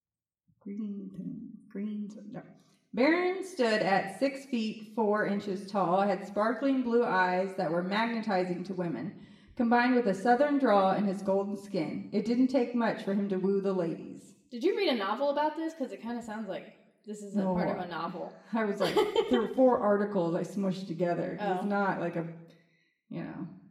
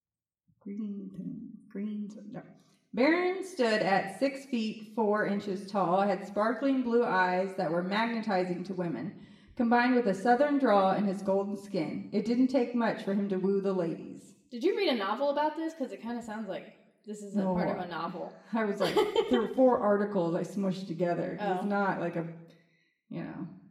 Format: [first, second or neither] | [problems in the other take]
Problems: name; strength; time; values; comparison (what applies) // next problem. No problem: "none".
neither | room echo; slight; dies away in 0.7 s; the same in both // off-mic speech; somewhat distant; the same in both